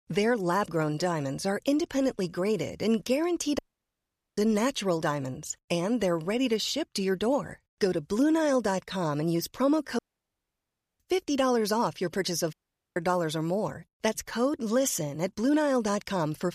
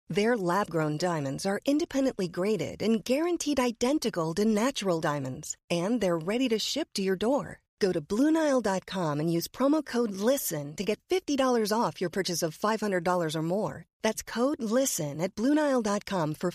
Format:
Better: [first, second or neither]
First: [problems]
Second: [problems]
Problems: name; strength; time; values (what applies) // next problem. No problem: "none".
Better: second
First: audio cutting out; at 3.5 s for 1 s, at 10 s for 1 s and at 13 s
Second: none